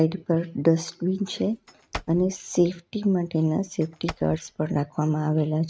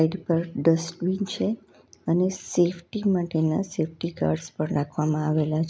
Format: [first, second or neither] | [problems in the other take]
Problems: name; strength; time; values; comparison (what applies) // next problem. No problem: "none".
second | noise reduction (neural mask model RNNoise)